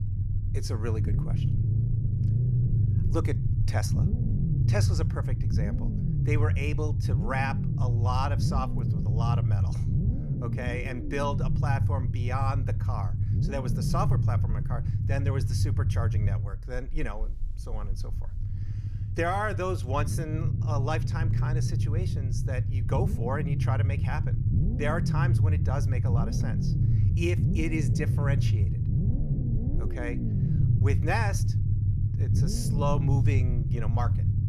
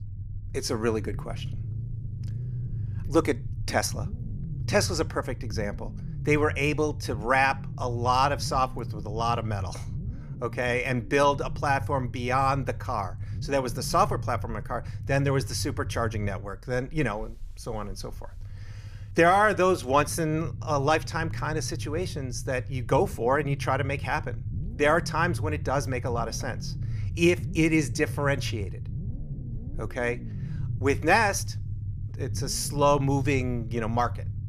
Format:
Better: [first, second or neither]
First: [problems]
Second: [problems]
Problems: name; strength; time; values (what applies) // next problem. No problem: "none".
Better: second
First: low rumble; loud; throughout; 5 dB below the speech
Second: low rumble; faint; throughout; 20 dB below the speech